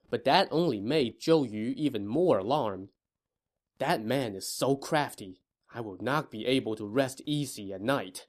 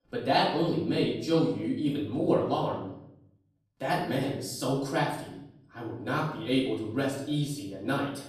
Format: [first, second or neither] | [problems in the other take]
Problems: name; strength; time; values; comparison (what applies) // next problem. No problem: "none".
first | off-mic speech; far // room echo; noticeable; dies away in 0.7 s